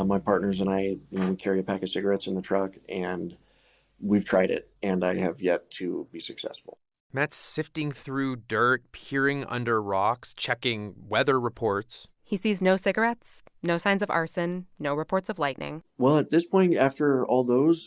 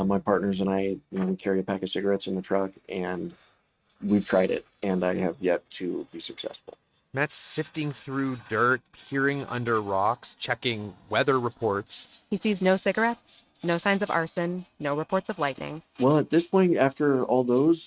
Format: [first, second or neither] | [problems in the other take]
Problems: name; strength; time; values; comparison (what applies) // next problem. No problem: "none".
first | noise reduction (neural mask model RNNoise)